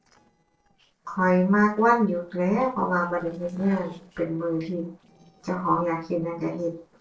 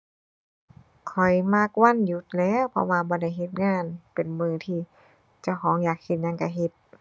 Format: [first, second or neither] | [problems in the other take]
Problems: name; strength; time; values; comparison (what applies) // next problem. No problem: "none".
second | noise reduction (neural separator model SepFormer DNS4)